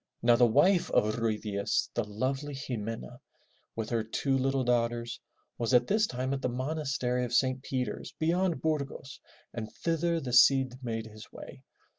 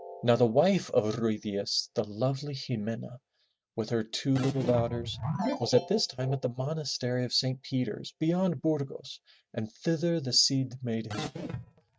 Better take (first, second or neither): first